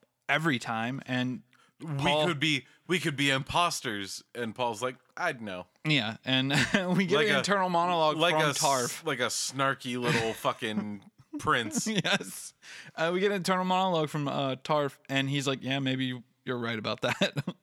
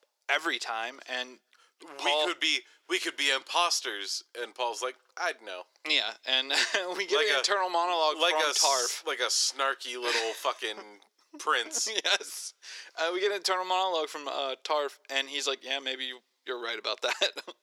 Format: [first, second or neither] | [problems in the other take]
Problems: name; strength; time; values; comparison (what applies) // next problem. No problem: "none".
first | thin; very; fading below 350 Hz